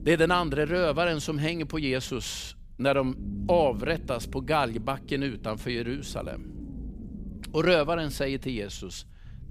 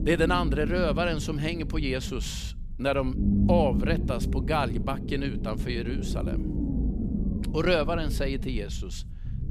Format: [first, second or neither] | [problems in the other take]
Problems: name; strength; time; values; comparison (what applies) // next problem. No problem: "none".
first | low rumble; loud; throughout; 9 dB below the speech; faint in the first